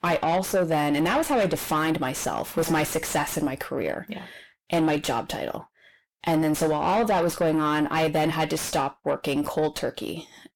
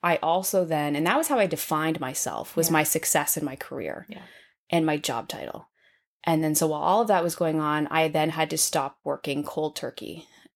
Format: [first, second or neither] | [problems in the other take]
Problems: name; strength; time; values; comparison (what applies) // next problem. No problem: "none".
second | distortion; heavy; 5 dB below the speech